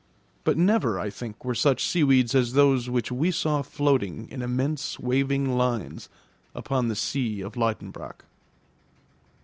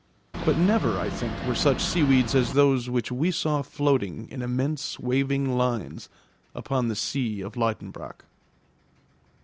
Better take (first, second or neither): first